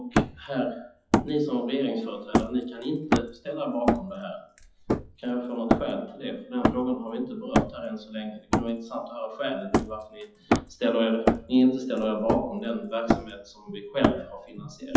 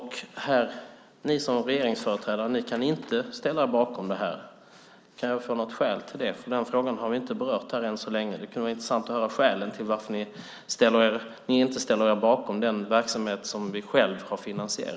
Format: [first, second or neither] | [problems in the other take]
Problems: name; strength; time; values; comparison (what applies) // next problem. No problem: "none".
second | noise reduction (classical method WPE with log-MMSE)